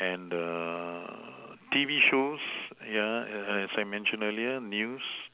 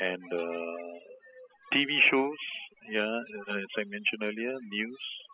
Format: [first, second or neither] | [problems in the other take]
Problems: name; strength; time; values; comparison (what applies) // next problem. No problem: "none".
first | noise reduction (classical method spectral subtraction)